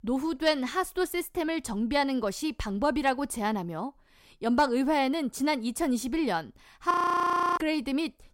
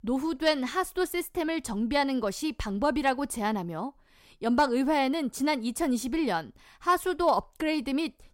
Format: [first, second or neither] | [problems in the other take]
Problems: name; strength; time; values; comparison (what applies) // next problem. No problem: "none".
second | audio freezing; at 7 s for 0.5 s